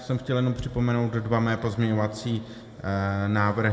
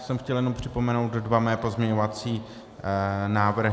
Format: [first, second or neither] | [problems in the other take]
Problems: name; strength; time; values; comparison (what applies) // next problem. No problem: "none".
second | room echo; dies away in 1.1 s